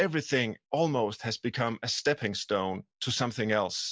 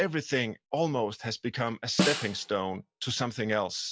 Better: first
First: none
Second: background sound (Snare drum); 2 dB below the speech

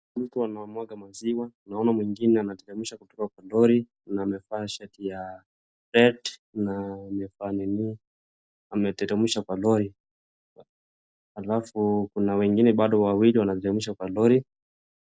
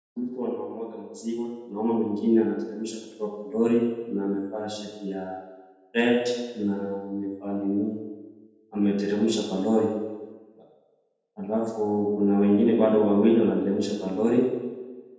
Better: first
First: none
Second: room echo; dies away in 1.1 s

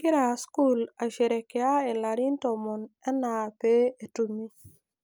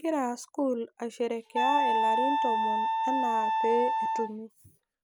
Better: first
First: none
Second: background sound (Wind instrument, woodwind instrument); 4 dB above the speech

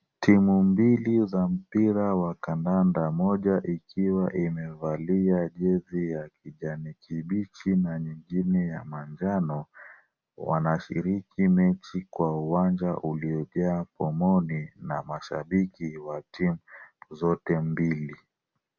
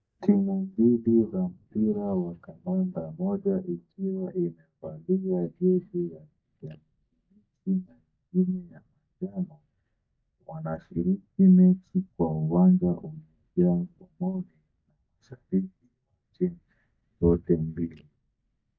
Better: first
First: none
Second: noise reduction (neural mask model DeepFilterNet 3)

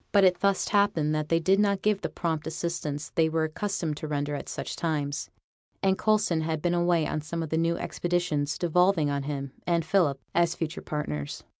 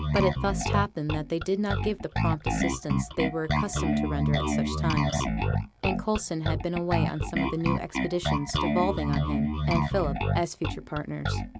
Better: first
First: none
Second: background sound (Bass guitar); 2 dB above the speech

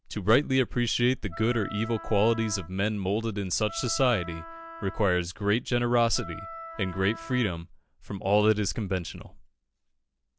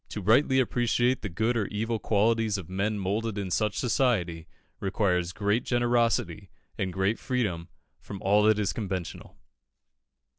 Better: second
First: background sound (Wind instrument, woodwind instrument); 14 dB below the speech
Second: none

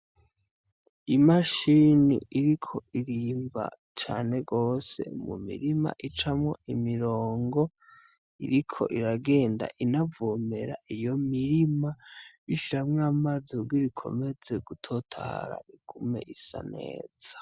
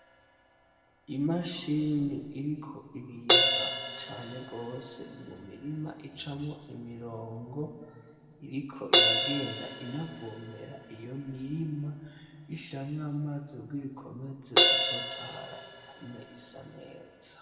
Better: first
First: none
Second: background sound (Crash cymbal); 4 dB above the speech // room echo; dies away in 2 s

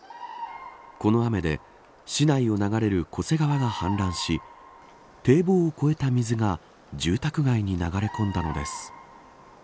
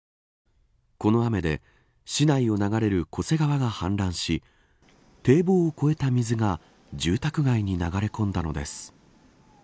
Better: second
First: background sound (Bird vocalization, bird call, bird song); 17 dB below the speech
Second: none

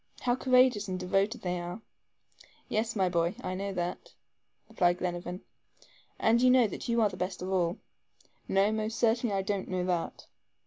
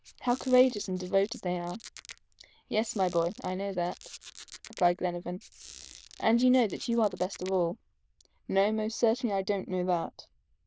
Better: first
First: none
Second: noise reduction (neural diffusion model UNIVERSE++)

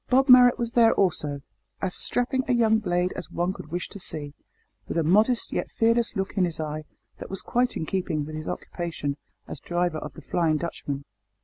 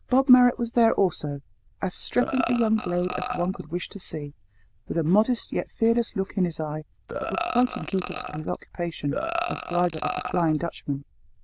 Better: first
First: none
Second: noise reduction (neural diffusion model UNIVERSE++)

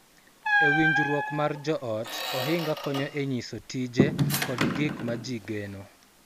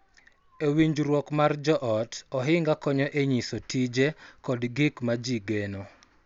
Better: second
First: background sound (Squeak); 1 dB above the speech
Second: none

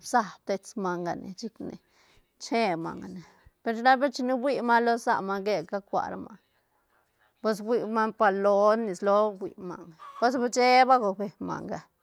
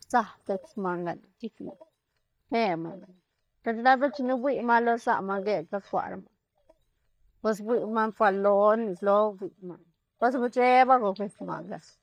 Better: first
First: none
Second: noise reduction (neural mask model DeepFilterNet 3)

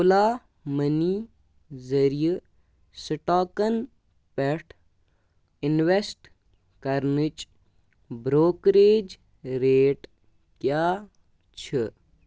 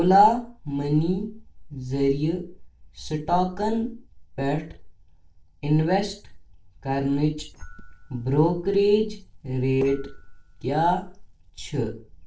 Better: first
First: none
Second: noise reduction (neural separator model SepFormer DNS4)

